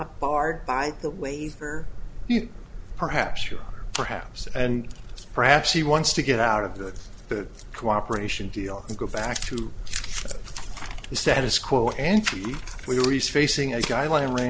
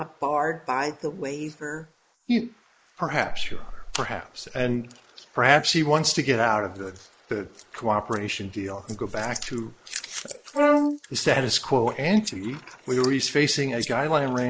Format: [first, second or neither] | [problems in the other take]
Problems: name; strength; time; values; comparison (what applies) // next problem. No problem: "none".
first | noise reduction (neural mask model Resemble Enhance denoiser)